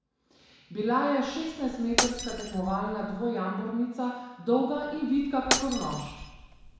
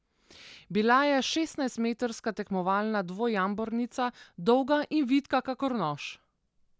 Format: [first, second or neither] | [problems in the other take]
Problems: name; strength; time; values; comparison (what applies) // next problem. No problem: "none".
second | background sound (Shatter); 4 dB below the speech // room echo; dies away in 1.1 s